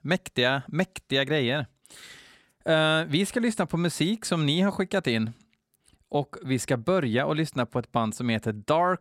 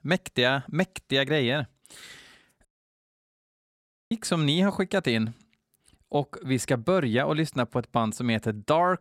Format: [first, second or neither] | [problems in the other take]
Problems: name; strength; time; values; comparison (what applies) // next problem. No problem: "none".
first | audio cutting out; at 2.5 s for 1.5 s